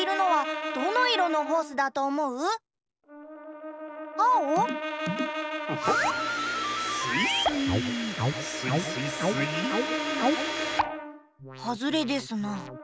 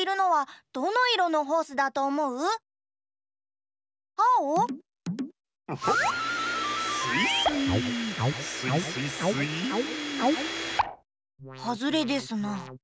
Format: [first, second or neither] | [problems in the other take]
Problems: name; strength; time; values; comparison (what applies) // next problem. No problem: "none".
second | background sound (Brass instrument); 8 dB below the speech